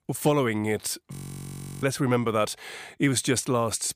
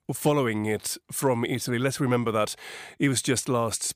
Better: second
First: audio freezing; at 1 s for 0.5 s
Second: none

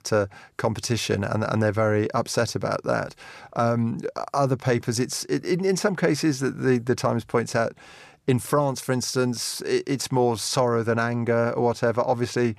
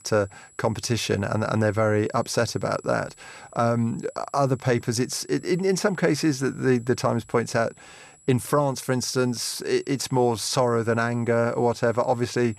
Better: first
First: none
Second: high-pitched whine; faint; throughout; 8 kHz, 25 dB below the speech

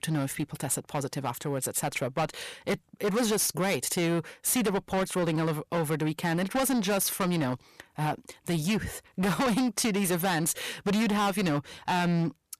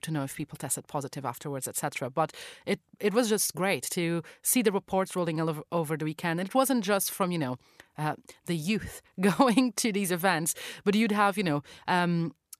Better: second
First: distortion; heavy; 18% of the sound clipped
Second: none

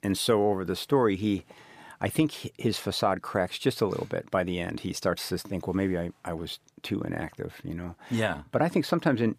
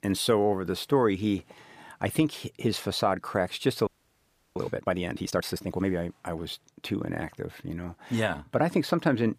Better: first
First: none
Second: audio freezing; at 4 s for 0.5 s

